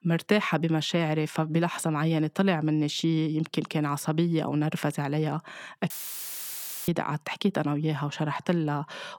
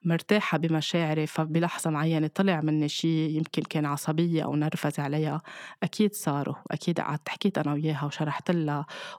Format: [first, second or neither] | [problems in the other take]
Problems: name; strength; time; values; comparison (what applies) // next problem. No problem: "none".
second | audio cutting out; filled with static; at 6 s for 1 s